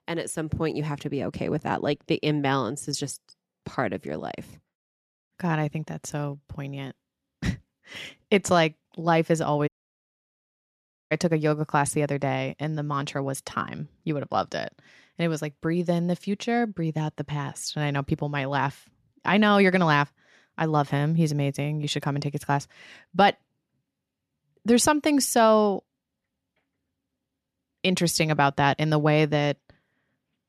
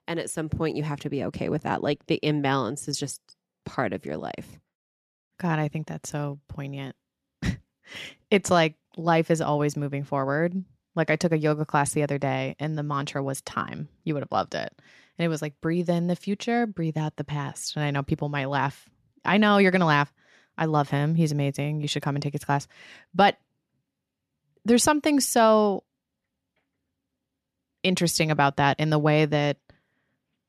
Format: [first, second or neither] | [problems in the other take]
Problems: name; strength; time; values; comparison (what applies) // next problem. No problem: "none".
second | audio cutting out; at 9.5 s for 1.5 s